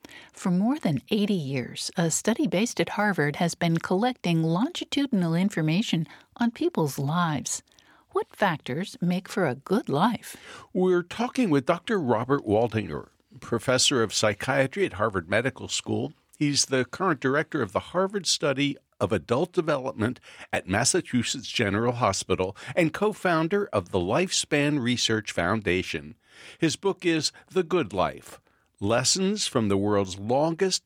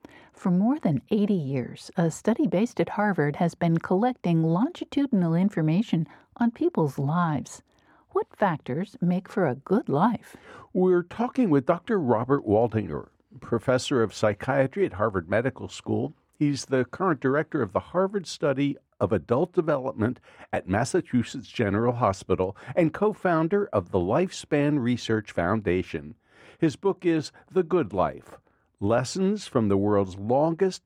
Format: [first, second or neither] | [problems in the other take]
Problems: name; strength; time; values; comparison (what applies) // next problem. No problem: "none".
first | muffled; slightly; fading above 2 kHz